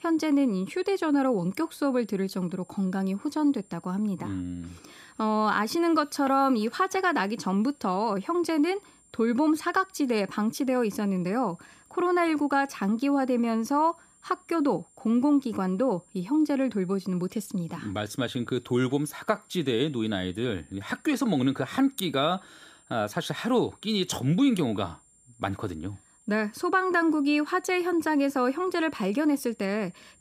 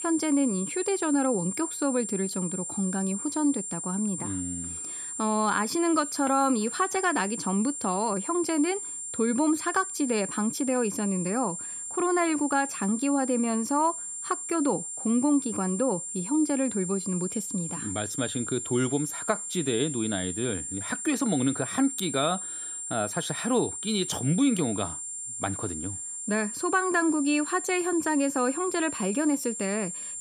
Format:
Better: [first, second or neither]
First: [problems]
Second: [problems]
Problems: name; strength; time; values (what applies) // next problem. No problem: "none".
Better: first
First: high-pitched whine; faint; throughout; 7.5 kHz, 30 dB below the speech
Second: high-pitched whine; loud; throughout; 7.5 kHz, 5 dB below the speech